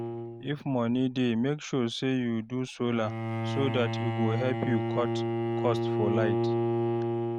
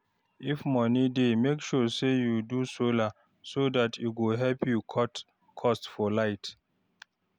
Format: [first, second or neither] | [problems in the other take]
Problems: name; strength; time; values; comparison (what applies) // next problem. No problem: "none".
second | noise reduction (neural mask model RNNoise)